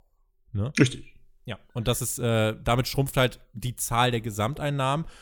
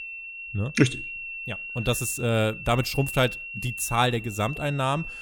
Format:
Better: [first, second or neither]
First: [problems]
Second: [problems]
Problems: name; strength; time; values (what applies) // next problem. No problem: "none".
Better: first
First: none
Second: high-pitched whine; loud; throughout; 2.5 kHz, 9 dB below the speech